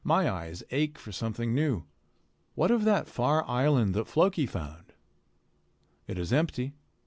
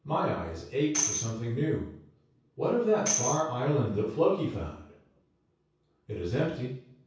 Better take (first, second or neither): first